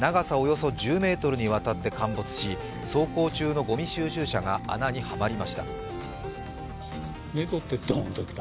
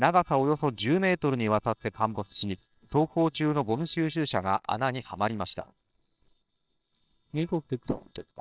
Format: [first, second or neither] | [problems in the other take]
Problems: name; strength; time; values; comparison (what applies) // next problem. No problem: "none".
first | noise reduction (neural separator model SepFormer WHAMR!)